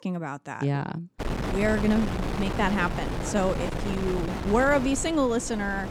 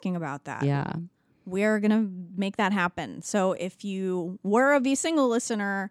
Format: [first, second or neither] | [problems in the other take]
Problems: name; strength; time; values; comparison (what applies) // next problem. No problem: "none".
second | wind noise on the microphone; heavy; from 1 s on; 6 dB below the speech